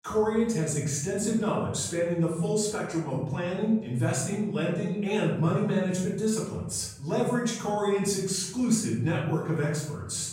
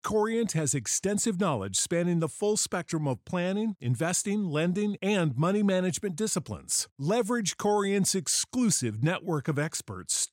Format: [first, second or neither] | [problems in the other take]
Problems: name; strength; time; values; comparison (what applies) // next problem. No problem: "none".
second | off-mic speech; far // room echo; noticeable; dies away in 1 s